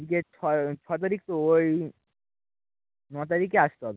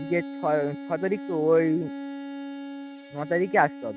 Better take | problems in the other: first | noise reduction (neural mask model RNNoise)

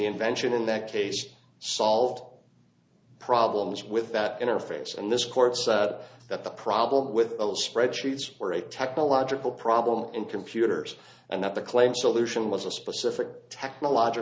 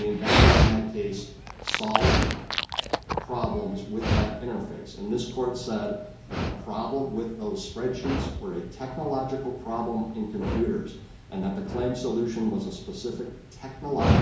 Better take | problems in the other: first | background sound (Dog); 2 dB above the speech // room echo; dies away in 0.6 s

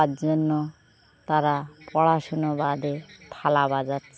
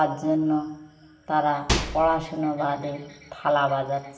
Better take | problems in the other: first | background sound (Microwave oven); 1 dB below the speech // room echo; dies away in 1.3 s

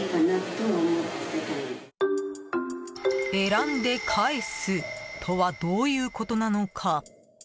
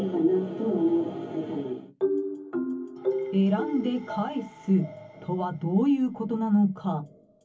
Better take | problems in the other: first | room echo; dies away in 0.3 s

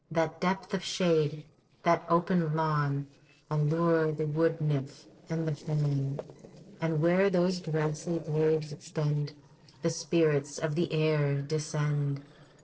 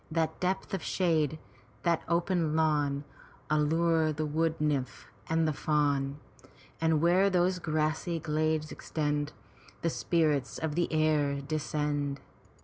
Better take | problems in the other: second | noise reduction (neural separator model SepFormer DNS4)

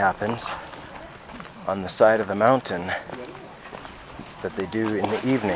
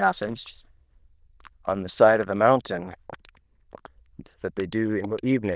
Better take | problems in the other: first | noise reduction (neural diffusion model UNIVERSE++)

